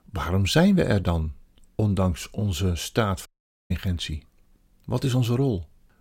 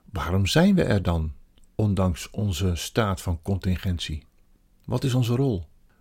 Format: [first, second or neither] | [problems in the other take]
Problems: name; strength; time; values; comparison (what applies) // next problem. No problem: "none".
second | audio cutting out; at 3.5 s